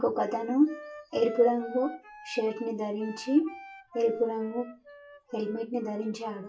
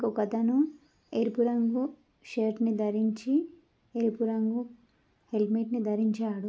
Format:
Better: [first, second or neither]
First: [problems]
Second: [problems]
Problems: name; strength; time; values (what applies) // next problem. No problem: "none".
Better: second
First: noise reduction (classical method WPE with log-MMSE)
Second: none